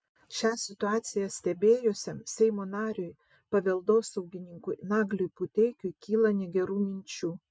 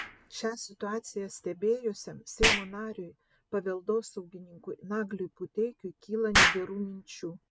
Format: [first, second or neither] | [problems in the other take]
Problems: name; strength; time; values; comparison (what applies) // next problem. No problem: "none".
first | background sound (Explosion); as loud as the speech